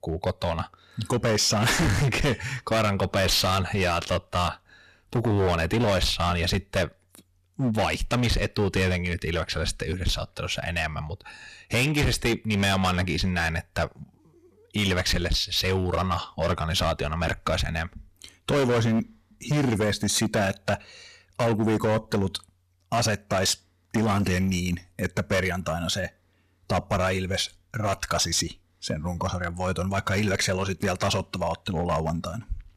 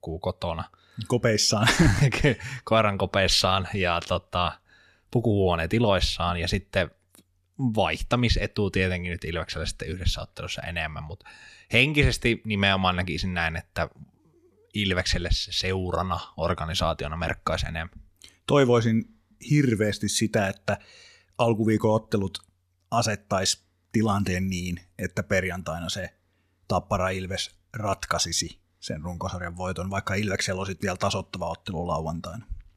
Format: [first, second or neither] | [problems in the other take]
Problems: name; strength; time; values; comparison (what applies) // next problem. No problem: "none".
second | distortion; heavy; 12% of the sound clipped